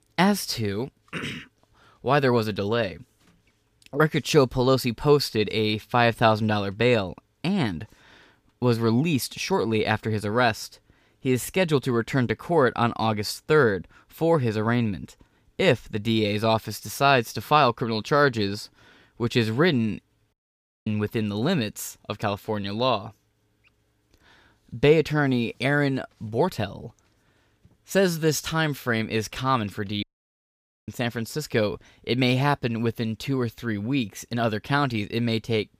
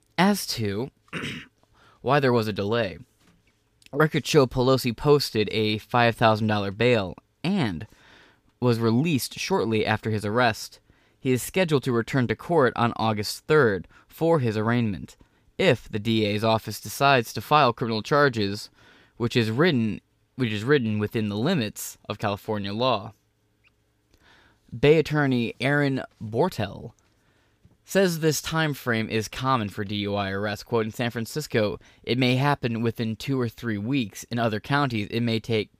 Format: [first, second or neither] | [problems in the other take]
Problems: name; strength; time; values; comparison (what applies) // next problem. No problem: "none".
second | audio cutting out; at 20 s for 0.5 s and at 30 s for 1 s